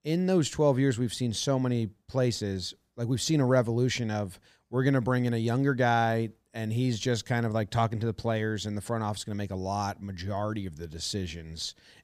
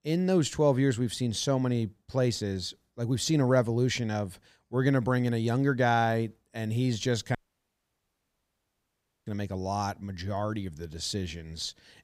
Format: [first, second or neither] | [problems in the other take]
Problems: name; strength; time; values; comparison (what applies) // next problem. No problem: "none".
first | audio cutting out; at 7.5 s for 2 s